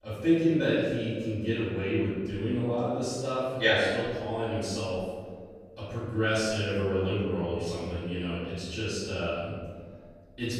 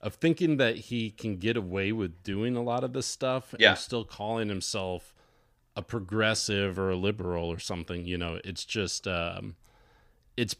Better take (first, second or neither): second